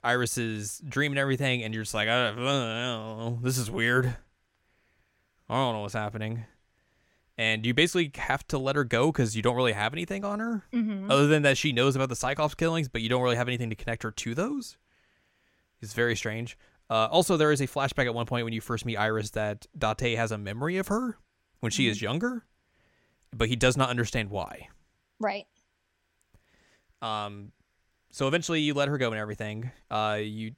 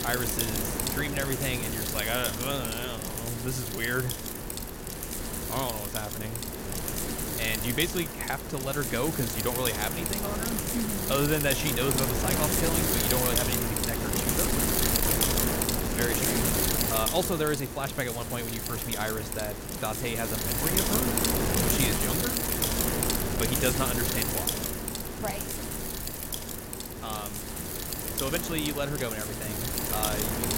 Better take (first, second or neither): first